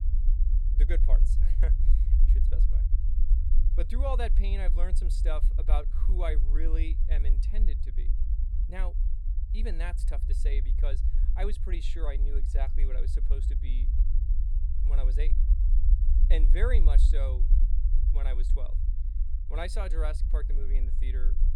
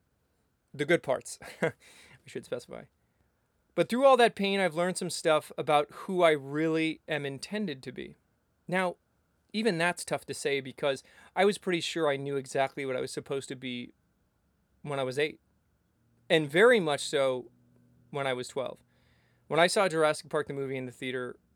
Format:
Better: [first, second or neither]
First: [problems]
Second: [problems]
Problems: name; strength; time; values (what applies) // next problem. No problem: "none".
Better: second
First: low rumble; loud; throughout; 10 dB below the speech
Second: none